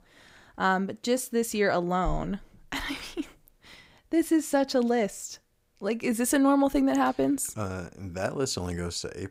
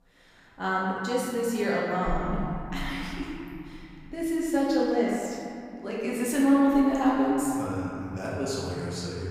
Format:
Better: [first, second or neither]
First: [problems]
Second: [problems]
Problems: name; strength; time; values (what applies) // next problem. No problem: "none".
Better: first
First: none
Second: room echo; strong; dies away in 3 s // off-mic speech; far